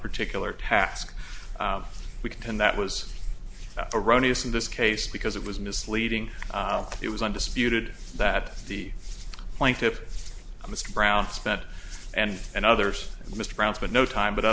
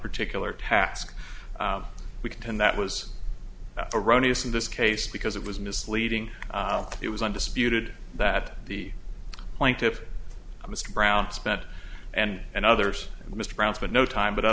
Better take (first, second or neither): second